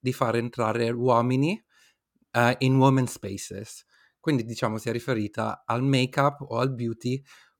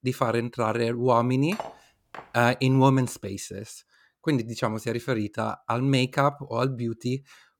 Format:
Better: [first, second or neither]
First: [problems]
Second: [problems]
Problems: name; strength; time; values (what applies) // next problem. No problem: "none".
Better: first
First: none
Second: clattering dishes; faint; at 1.5 s; peak 10 dB below the speech